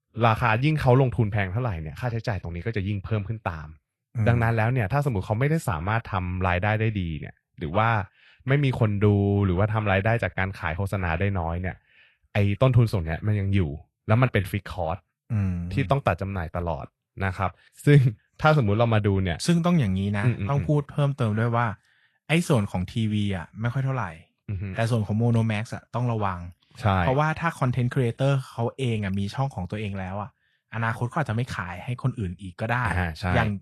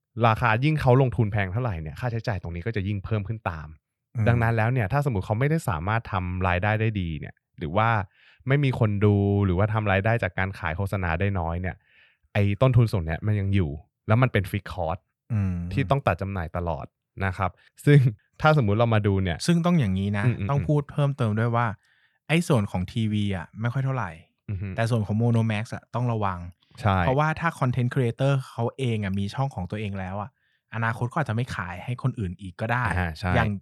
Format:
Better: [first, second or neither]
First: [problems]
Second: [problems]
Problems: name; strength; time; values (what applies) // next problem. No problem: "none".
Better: second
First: garbled, watery; slightly; nothing above 16 kHz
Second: none